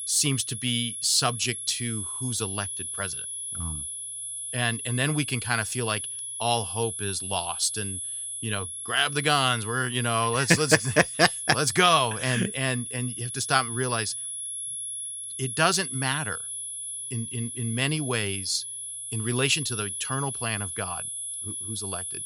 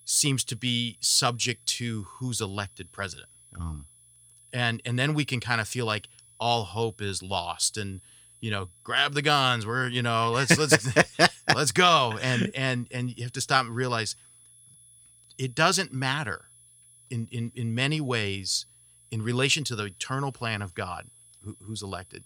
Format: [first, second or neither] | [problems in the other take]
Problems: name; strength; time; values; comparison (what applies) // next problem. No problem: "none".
second | high-pitched whine; loud; throughout; 10.5 kHz, 6 dB below the speech; faint in the second